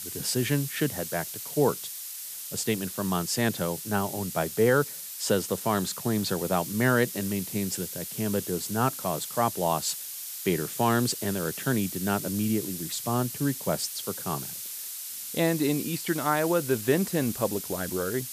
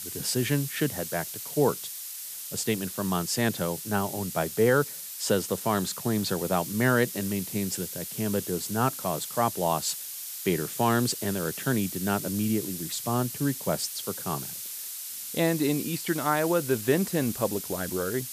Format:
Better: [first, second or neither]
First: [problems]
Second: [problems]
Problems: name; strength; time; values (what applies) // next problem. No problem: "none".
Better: neither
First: hiss; loud; throughout; 6 dB below the speech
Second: hiss; loud; throughout; 6 dB below the speech